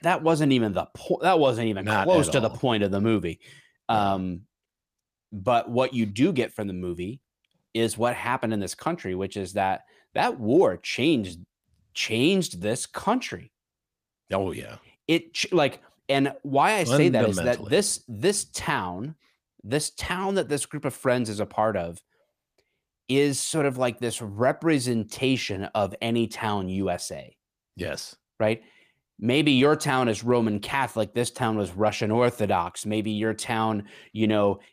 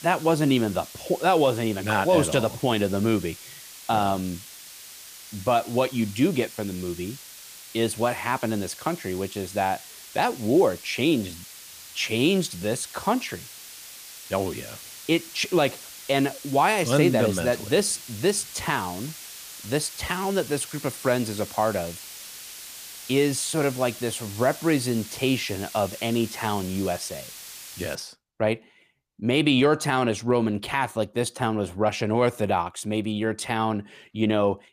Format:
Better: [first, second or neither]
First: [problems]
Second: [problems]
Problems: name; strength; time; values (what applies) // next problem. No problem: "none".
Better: first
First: none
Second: hiss; noticeable; until 28 s; 15 dB below the speech